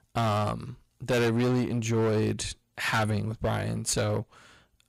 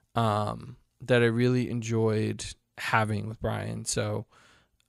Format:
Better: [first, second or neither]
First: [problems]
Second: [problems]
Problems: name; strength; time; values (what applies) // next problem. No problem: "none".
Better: second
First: distortion; heavy; 15% of the sound clipped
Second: none